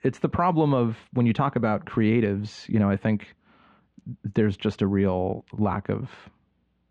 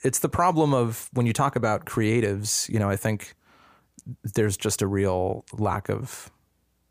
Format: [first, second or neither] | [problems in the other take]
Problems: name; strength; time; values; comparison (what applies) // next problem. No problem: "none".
second | muffled; very; fading above 3.5 kHz